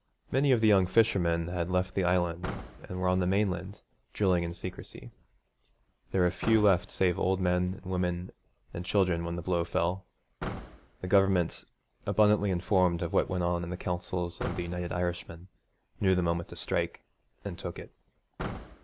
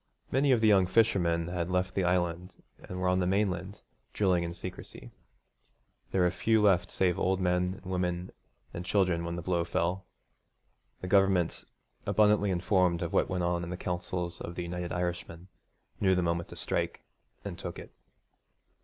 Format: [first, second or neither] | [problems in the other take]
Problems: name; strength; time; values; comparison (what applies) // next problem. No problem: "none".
second | background sound (Slam / Car); 17 dB below the speech